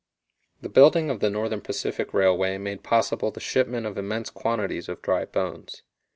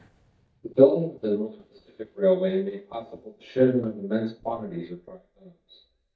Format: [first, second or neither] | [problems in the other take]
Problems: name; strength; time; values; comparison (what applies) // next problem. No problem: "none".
first | noise reduction (neural mask model DeepFilterNet 3)